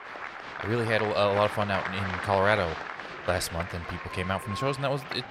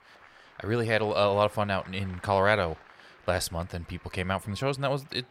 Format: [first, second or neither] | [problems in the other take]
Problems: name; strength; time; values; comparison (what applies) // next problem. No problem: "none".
second | crowd noise; loud; throughout; 7 dB below the speech; faint in the second